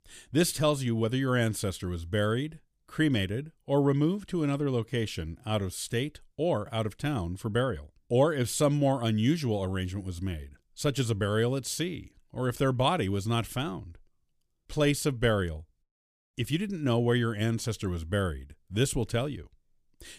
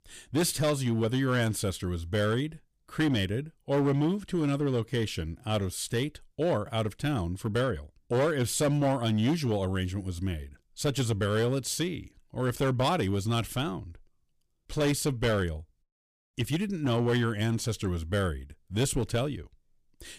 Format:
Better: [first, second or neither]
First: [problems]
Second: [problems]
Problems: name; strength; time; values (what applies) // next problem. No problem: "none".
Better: first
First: none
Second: distortion; slight; 7% of the sound clipped